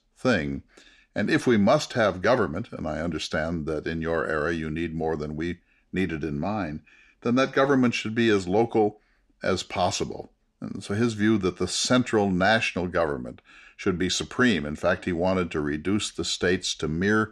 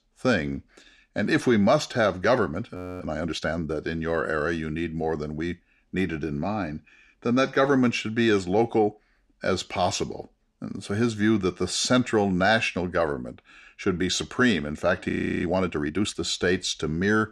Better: first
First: none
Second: audio freezing; at 3 s and at 15 s

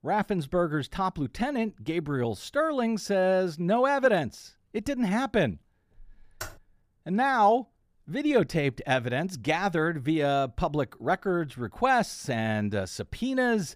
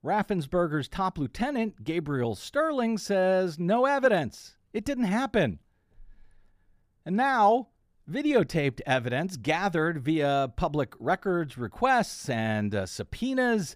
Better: second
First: keyboard typing; faint; at 6.5 s; peak 15 dB below the speech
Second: none

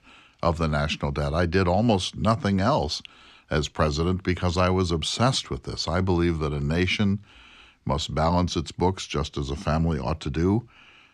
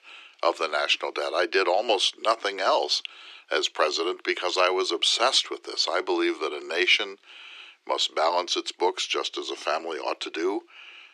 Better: first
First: none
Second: thin; very; fading below 350 Hz

